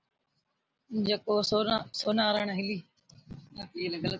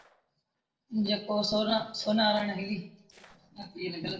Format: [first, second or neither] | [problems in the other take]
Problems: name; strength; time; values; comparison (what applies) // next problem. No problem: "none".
first | noise reduction (neural separator model SepFormer DNS4)